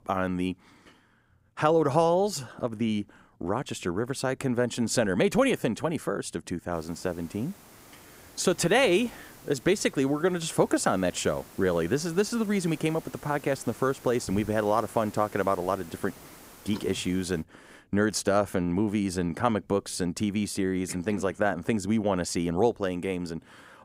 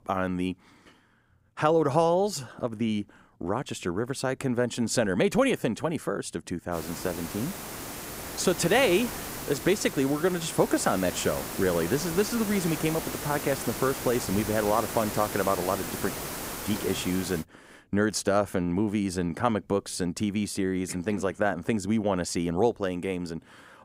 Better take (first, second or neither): first